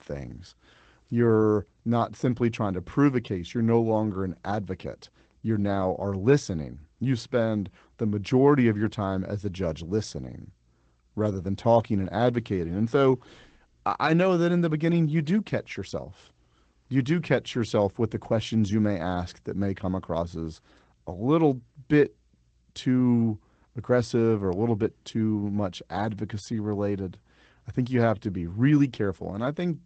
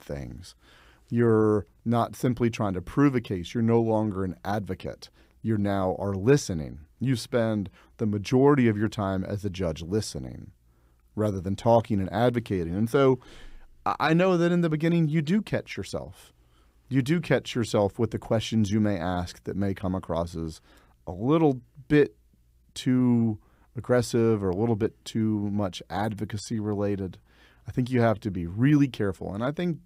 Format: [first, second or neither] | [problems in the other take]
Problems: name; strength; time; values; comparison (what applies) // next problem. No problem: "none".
second | garbled, watery; slightly; nothing above 8 kHz